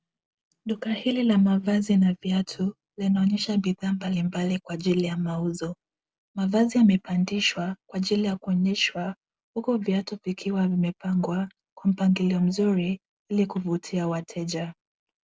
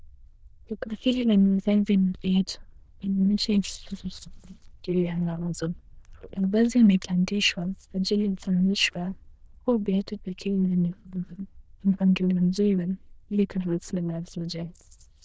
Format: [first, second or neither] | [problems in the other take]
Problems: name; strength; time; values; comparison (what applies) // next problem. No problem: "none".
first | noise reduction (neural diffusion model UNIVERSE++)